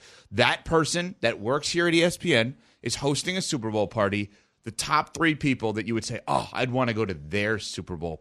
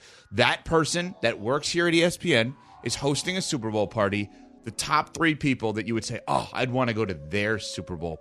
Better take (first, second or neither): first